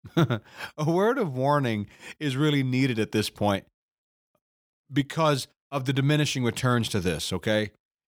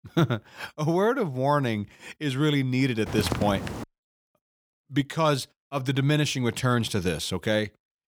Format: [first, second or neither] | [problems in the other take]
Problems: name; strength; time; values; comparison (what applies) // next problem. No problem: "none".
first | footsteps; noticeable; at 3 s; peak 4 dB below the speech